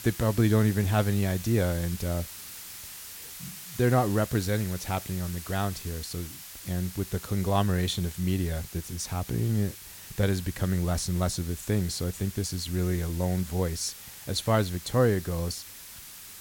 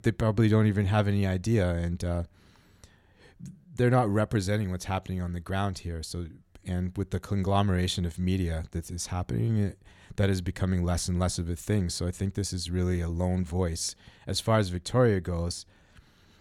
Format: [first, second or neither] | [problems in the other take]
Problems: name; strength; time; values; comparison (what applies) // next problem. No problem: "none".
second | hiss; noticeable; throughout; 10 dB below the speech